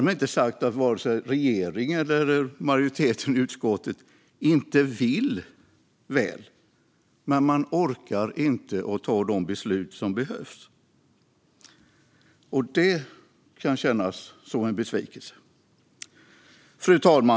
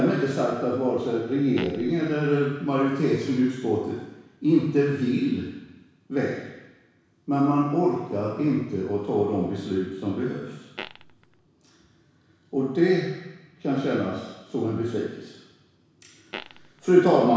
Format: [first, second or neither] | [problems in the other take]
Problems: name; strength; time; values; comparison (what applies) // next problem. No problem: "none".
first | background sound (Fart); 16 dB below the speech // room echo; dies away in 1.1 s